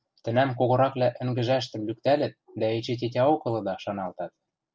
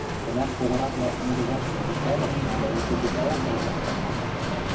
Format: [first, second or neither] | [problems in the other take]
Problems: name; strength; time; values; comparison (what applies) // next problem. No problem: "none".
first | background sound (Bicycle); 3 dB above the speech // room echo; dies away in 0.3 s